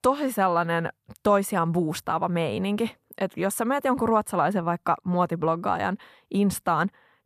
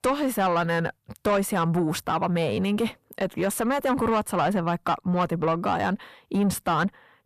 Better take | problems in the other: first | distortion; slight; 10 dB below the speech

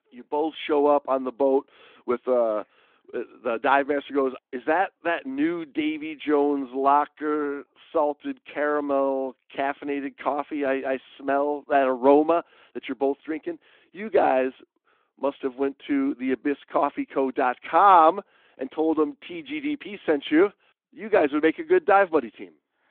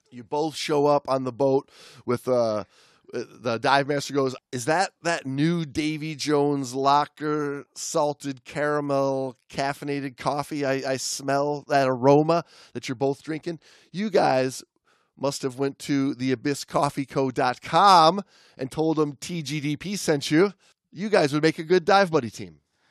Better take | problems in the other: second | phone-call audio

